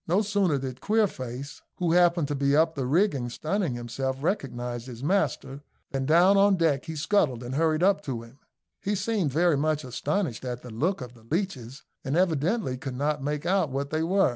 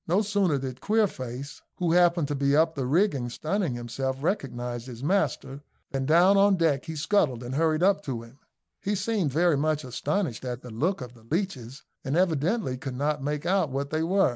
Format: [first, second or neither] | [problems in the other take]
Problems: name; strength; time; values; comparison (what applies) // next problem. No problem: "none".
first | noise reduction (neural mask model Resemble Enhance denoiser)